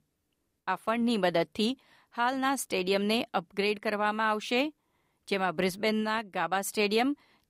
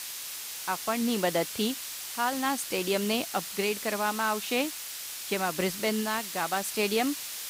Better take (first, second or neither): first